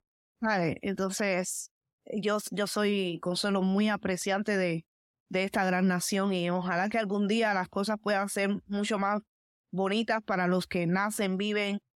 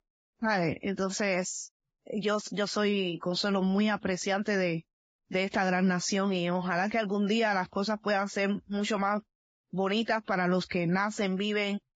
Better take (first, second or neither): first